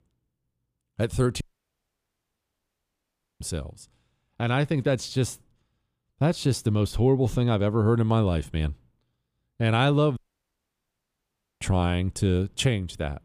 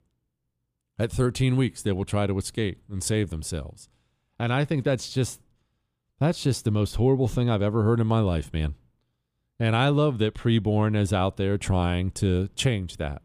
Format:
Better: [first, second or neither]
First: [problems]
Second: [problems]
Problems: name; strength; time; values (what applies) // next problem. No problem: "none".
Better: second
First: audio cutting out; at 1.5 s for 2 s and at 10 s for 1.5 s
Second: none